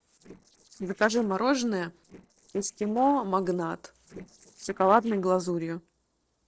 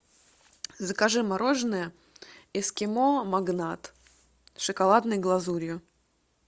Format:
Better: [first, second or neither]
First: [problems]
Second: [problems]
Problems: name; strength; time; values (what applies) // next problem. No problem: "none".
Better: second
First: noise reduction (neural separator model SepFormer DNS4)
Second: none